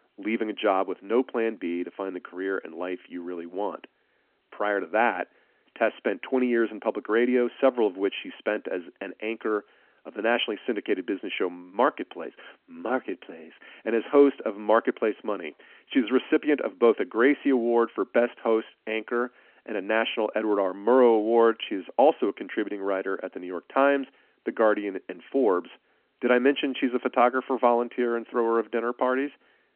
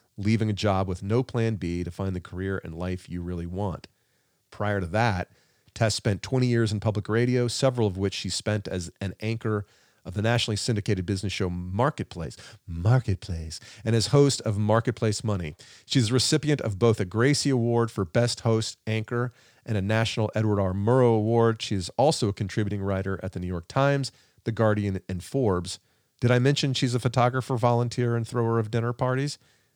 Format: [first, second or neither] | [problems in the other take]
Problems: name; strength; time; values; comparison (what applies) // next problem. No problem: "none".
second | phone-call audio; nothing above 3 kHz